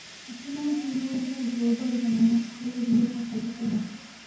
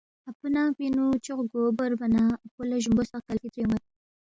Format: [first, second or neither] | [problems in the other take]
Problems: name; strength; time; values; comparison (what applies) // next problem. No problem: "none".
second | background sound (Fire); 18 dB below the speech // room echo; dies away in 0.9 s